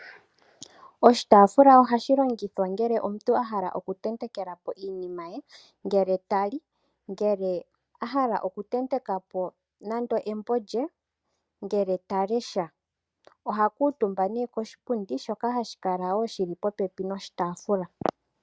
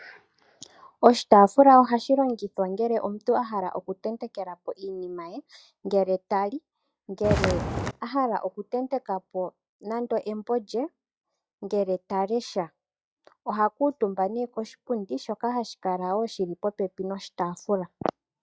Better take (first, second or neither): first